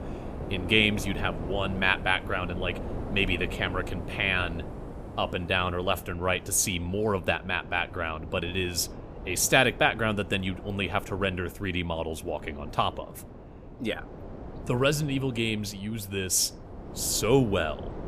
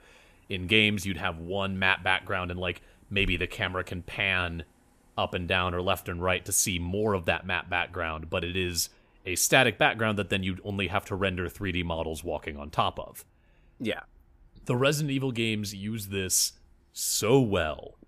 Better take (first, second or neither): second